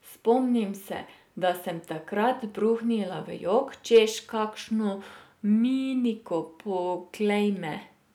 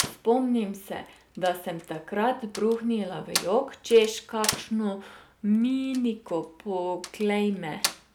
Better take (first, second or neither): first